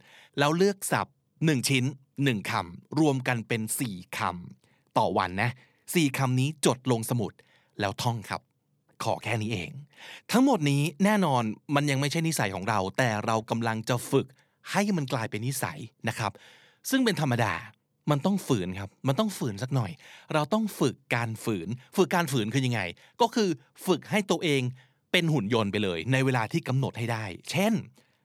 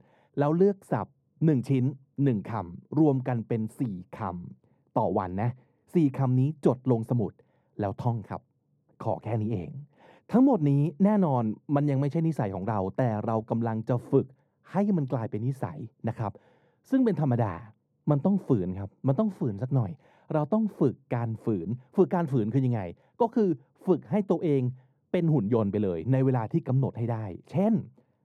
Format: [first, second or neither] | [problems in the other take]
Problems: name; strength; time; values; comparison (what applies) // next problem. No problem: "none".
first | muffled; very; fading above 1.5 kHz